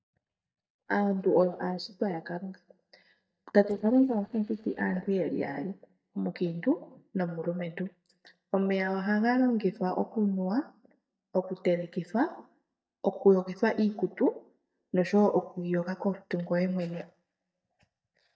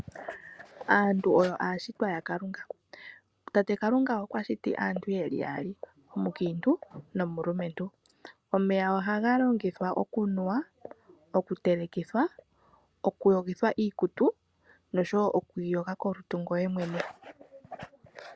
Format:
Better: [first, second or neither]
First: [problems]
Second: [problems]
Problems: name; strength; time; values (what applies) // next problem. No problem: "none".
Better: second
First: noise reduction (neural mask model DeepFilterNet 3)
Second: none